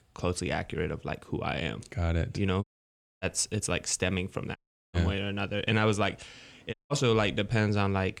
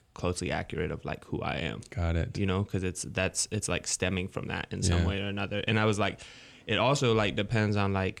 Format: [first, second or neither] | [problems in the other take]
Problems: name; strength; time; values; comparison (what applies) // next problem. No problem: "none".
second | audio cutting out; at 2.5 s for 0.5 s, at 4.5 s and at 6.5 s